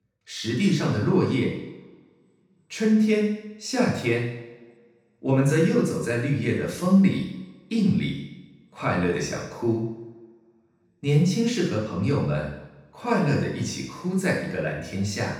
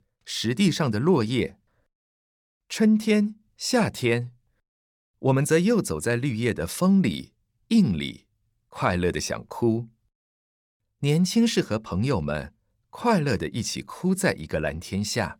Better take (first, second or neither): second